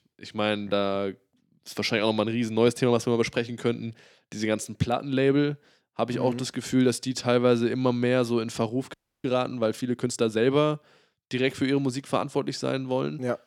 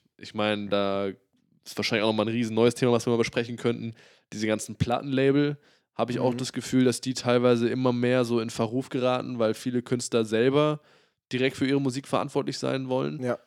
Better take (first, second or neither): second